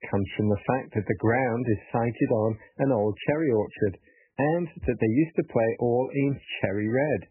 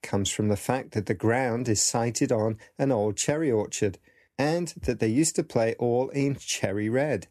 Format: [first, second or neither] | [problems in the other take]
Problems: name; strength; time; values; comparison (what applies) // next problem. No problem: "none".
second | garbled, watery; badly; nothing above 3 kHz